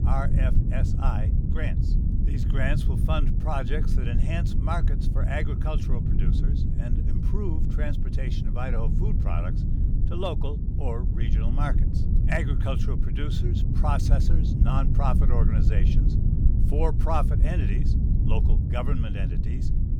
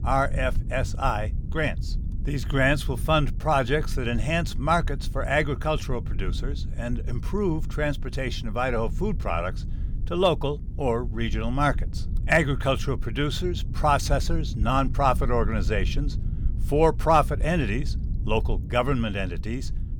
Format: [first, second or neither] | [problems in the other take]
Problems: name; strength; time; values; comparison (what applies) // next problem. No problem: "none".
second | low rumble; loud; throughout; 5 dB below the speech; faint in the second